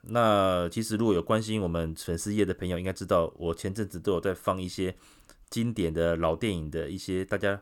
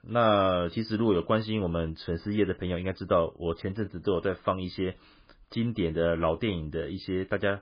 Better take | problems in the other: first | garbled, watery; badly; nothing above 5 kHz

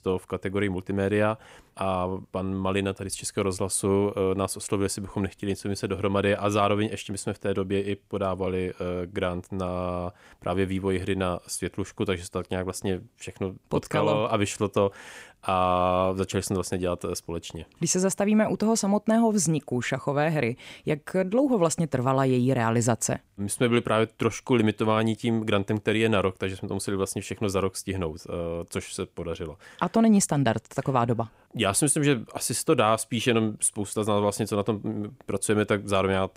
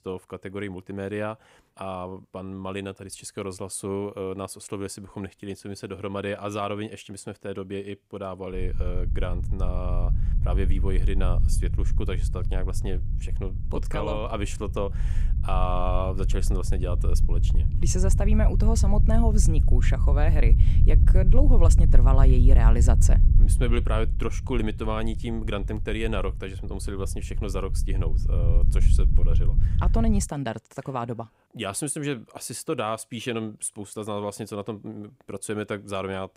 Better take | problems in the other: first | low rumble; loud; from 8.5 to 30 s; 10 dB below the speech

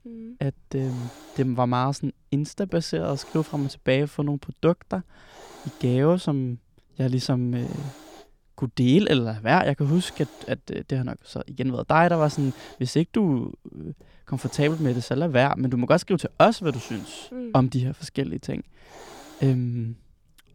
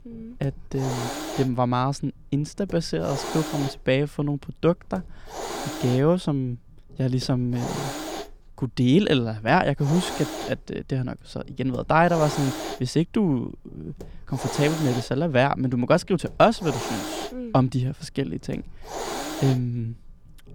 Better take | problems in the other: first | hiss; loud; throughout; 10 dB below the speech; faint in the first

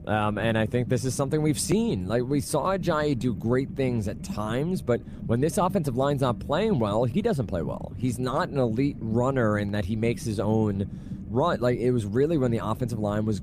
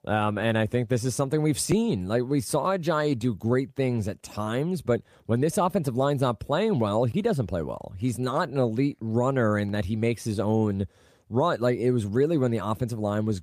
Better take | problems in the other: second | low rumble; noticeable; throughout; 20 dB below the speech

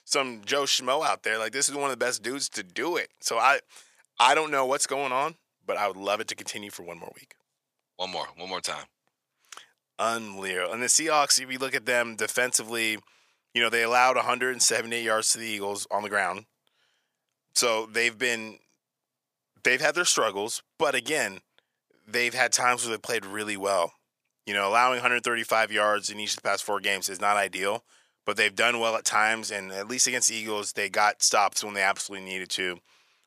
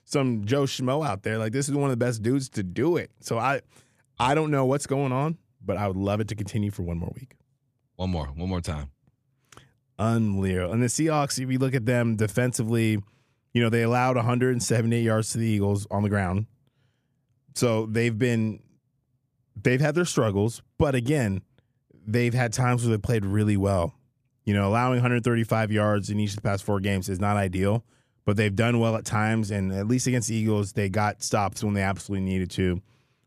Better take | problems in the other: second | thin; very; fading below 700 Hz

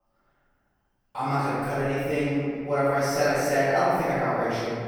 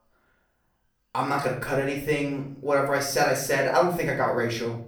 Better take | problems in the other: second | room echo; strong; dies away in 2 s; slight in the second // off-mic speech; far; far in the second

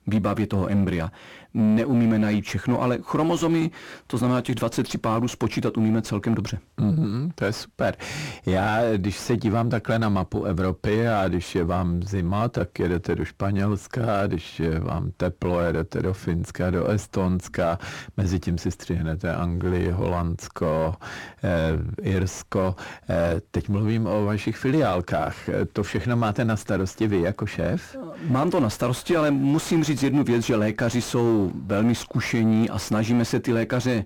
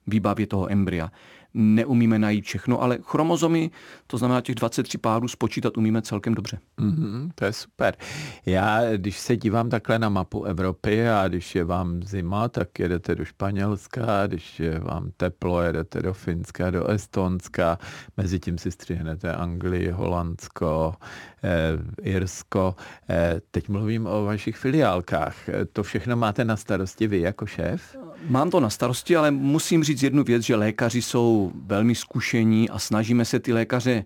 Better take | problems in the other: second | distortion; slight; 10 dB below the speech

